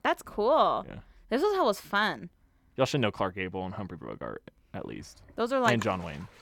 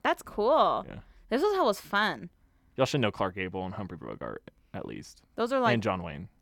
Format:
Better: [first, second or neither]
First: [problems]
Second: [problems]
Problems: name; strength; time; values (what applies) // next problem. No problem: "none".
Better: second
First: household noises; noticeable; from 4.5 s on; 10 dB below the speech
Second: none